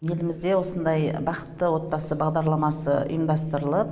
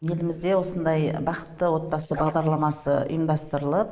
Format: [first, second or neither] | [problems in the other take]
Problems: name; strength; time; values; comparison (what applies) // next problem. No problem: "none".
first | noise reduction (neural mask model Resemble Enhance denoiser)